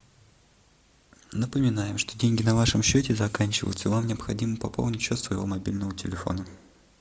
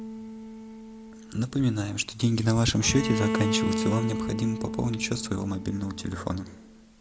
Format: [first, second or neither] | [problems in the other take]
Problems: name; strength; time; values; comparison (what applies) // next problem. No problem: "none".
first | background sound (Bowed string instrument); 5 dB below the speech